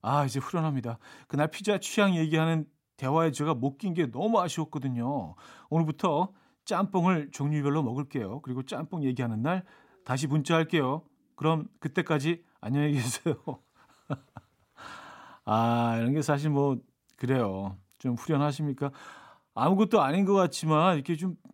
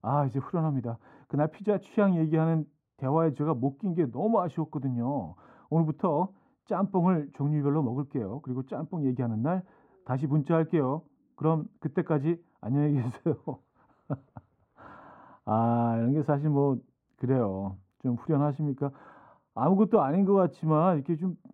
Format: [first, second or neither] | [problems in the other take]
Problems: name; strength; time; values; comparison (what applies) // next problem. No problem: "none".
first | muffled; very; fading above 2 kHz